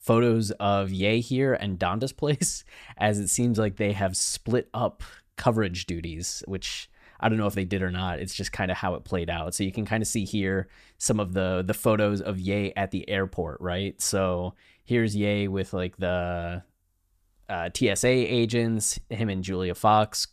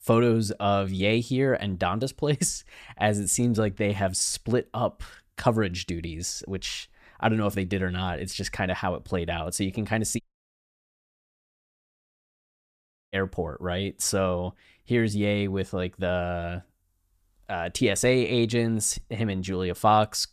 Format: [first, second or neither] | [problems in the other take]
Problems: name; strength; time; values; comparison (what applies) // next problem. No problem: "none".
first | audio cutting out; at 10 s for 3 s